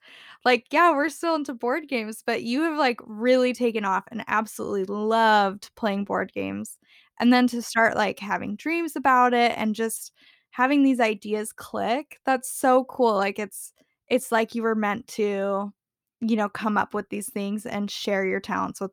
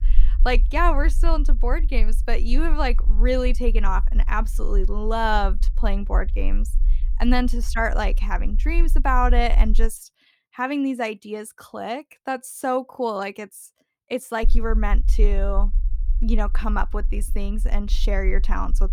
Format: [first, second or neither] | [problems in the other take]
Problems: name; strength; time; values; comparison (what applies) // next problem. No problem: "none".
first | low rumble; faint; until 10 s and from 14 s on; 25 dB below the speech